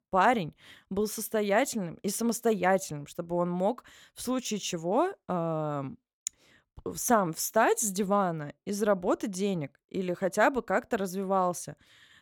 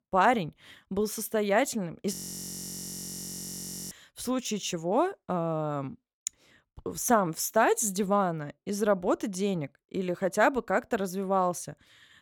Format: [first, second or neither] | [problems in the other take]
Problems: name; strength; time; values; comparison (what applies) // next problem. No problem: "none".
first | audio freezing; at 2 s for 2 s